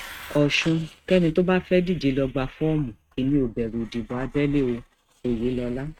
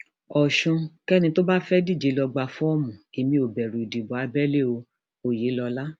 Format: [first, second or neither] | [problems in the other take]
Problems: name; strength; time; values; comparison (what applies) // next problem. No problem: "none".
second | noise reduction (neural mask model RNNoise)